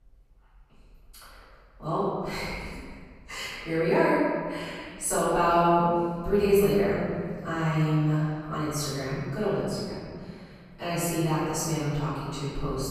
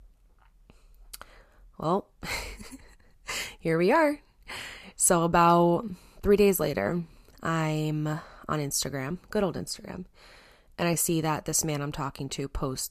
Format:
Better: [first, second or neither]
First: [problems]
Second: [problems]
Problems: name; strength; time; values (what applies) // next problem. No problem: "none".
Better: second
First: off-mic speech; far // room echo; strong; dies away in 1.9 s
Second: none